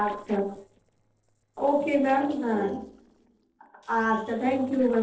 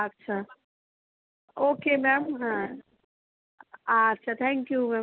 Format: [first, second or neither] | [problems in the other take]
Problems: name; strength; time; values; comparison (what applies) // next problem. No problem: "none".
second | noise reduction (neural separator model SepFormer DNS4)